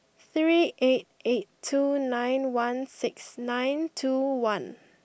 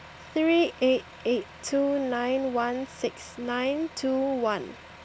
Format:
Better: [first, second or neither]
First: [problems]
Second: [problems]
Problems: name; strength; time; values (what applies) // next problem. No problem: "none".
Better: first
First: none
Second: background sound (Truck); 19 dB below the speech